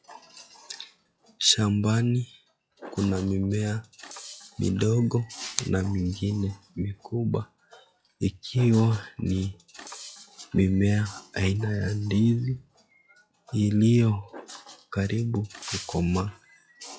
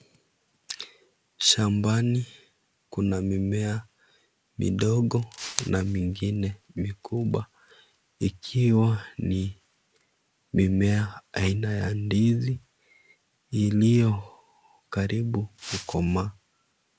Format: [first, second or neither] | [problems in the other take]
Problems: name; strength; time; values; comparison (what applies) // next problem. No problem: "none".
second | noise reduction (classical method log-MMSE)